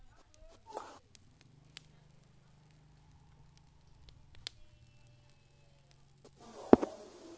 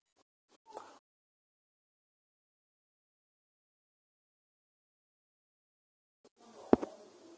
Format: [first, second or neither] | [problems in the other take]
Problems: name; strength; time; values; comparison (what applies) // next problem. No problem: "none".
second | background sound (Fire / Rain); 19 dB below the speech